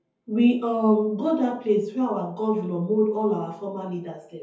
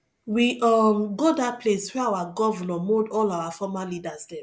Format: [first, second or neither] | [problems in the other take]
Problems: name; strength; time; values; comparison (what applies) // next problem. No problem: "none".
second | room echo; dies away in 0.5 s